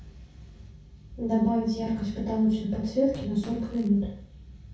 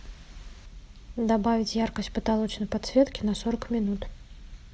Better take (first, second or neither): second